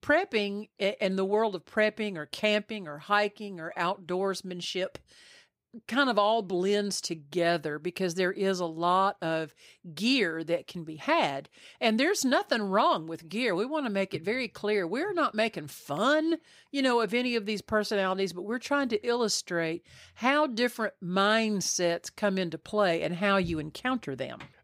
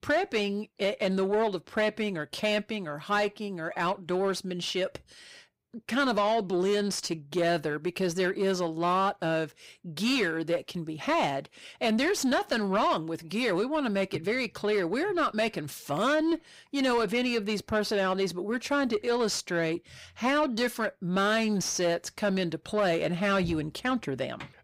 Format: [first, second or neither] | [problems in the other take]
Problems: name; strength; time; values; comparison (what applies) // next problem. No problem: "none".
first | distortion; slight; 10 dB below the speech